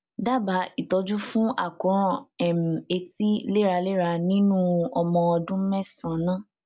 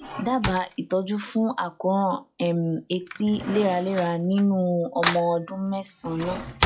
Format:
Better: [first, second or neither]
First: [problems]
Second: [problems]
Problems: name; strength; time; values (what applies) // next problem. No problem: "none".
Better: first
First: none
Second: noise reduction (classical method log-MMSE)